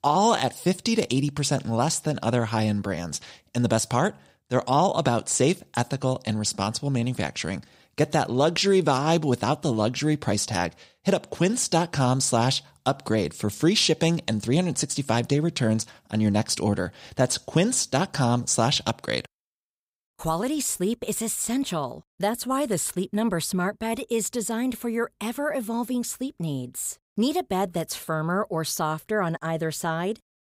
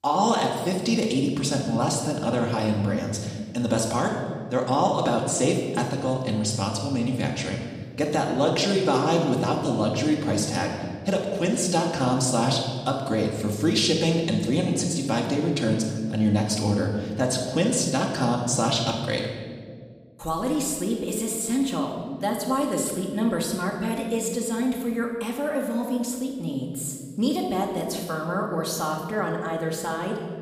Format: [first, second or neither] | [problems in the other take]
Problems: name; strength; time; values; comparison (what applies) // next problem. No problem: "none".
first | room echo; noticeable; dies away in 1.5 s // off-mic speech; somewhat distant